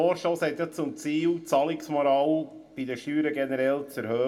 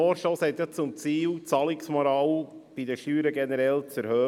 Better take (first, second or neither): second